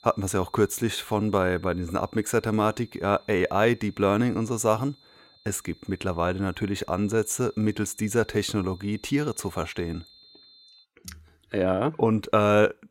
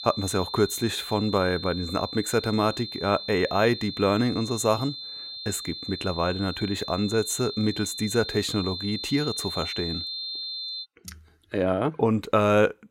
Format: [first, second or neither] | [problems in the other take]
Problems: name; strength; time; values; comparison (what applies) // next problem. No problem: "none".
first | high-pitched whine; loud; until 11 s; 4 kHz, 8 dB below the speech; faint in the first